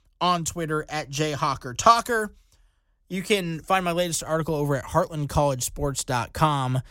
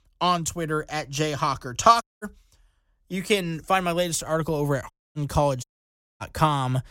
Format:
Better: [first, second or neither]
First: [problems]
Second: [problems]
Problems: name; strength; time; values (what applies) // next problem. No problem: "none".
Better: first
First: none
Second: audio cutting out; at 2 s, at 5 s and at 5.5 s for 0.5 s